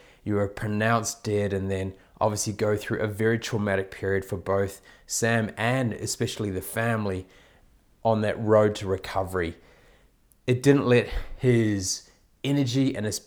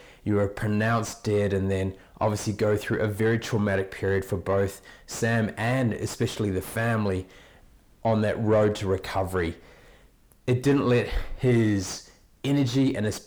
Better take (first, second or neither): first